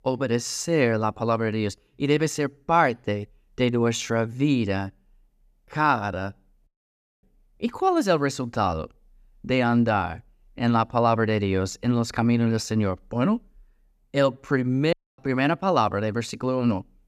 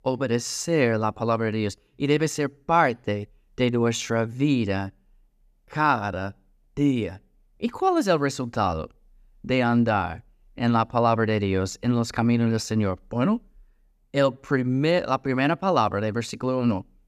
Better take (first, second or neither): second